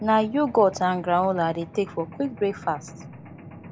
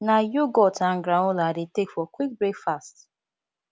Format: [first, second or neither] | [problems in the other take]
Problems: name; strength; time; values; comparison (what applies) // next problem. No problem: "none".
second | background sound (Mechanisms); 17 dB below the speech